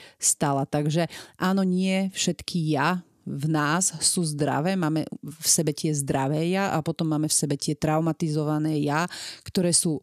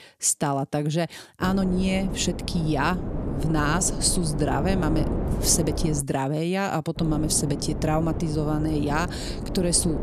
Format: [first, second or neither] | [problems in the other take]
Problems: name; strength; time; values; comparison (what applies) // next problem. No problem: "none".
first | wind noise on the microphone; heavy; from 1.5 to 6 s and from 7 s on; 9 dB below the speech